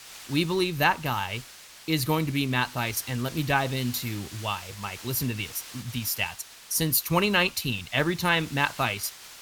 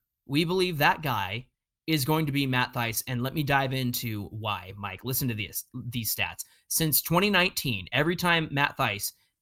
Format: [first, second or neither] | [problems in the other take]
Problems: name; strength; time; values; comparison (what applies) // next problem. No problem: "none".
second | hiss; noticeable; throughout; 15 dB below the speech